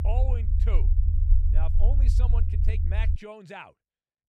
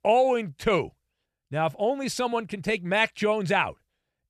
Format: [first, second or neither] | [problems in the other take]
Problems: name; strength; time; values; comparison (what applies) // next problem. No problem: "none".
second | low rumble; loud; until 3 s; 4 dB below the speech